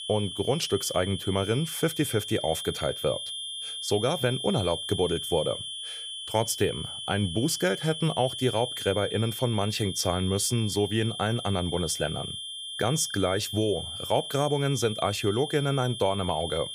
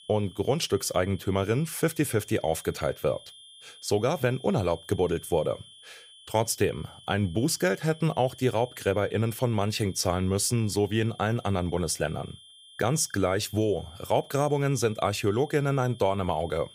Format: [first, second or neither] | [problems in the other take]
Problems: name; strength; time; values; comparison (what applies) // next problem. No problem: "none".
second | high-pitched whine; loud; throughout; 3 kHz, 6 dB below the speech; faint in the second